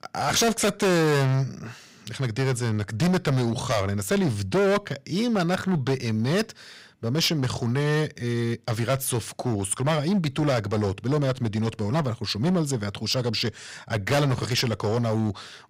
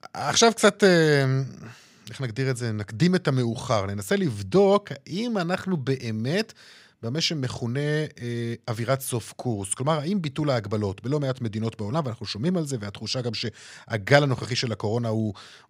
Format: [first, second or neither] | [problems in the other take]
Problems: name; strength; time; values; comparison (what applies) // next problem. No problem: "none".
second | distortion; heavy; 13% of the sound clipped